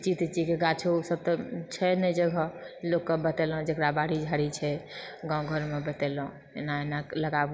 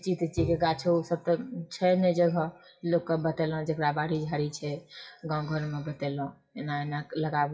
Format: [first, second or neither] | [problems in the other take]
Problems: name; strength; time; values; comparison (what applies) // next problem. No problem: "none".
first | noise reduction (classical method WPE with log-MMSE)